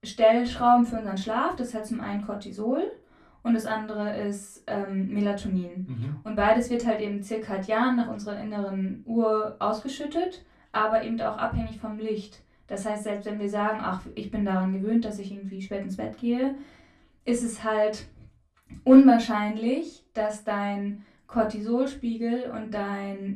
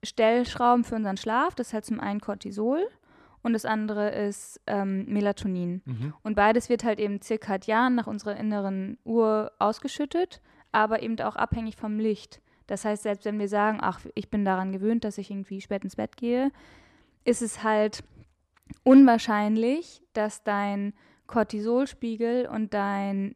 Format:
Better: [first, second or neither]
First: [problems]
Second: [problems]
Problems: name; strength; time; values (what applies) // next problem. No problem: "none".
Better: second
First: off-mic speech; far // room echo; very slight; dies away in 0.2 s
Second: none